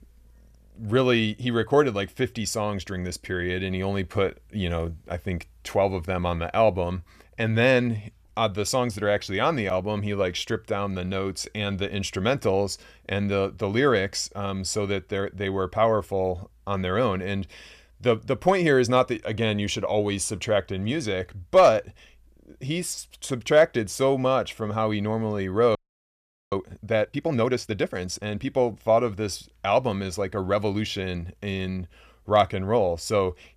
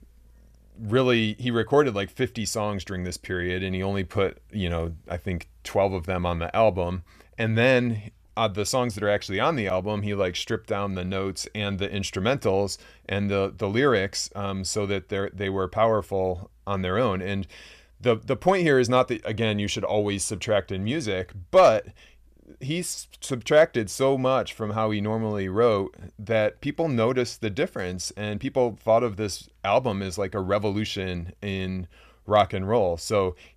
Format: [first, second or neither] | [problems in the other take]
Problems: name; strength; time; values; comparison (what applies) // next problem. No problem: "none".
second | audio freezing; at 26 s for 1 s